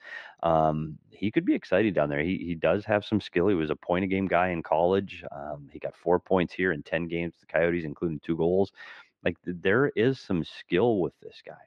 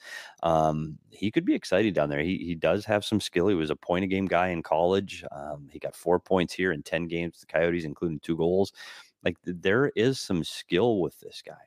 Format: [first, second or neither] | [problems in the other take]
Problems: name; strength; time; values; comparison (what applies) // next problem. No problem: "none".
second | muffled; slightly; fading above 2.5 kHz